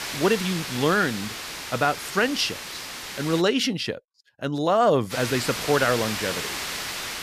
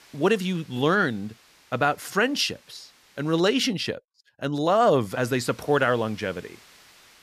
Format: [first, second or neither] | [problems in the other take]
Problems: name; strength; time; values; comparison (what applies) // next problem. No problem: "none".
second | hiss; loud; until 3.5 s and from 5 s on; 7 dB below the speech; faint in the second